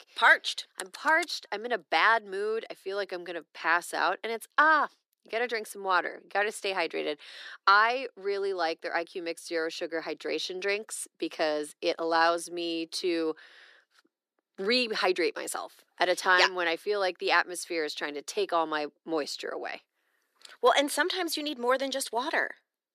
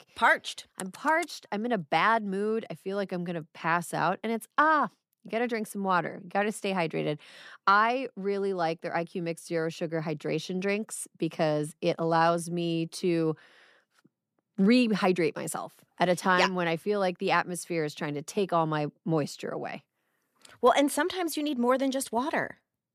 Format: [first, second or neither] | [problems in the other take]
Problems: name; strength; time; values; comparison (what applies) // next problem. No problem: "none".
second | thin; somewhat; fading below 350 Hz